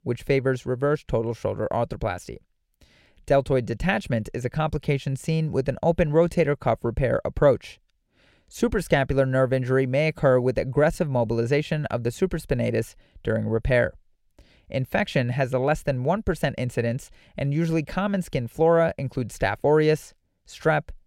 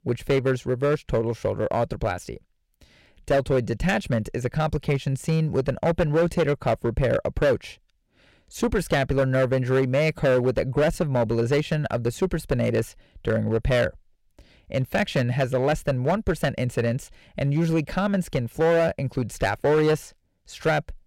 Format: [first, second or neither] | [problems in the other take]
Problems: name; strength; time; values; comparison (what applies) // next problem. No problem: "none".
first | distortion; slight; 7% of the sound clipped